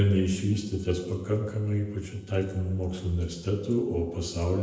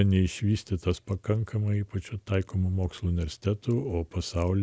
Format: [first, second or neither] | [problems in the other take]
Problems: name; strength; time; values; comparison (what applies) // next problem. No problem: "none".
second | noise reduction (neural separator model SepFormer DNS4)